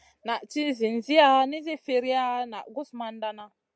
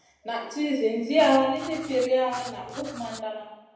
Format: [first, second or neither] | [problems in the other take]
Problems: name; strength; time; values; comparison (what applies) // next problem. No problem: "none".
first | background sound (Writing); 17 dB below the speech // room echo; dies away in 0.9 s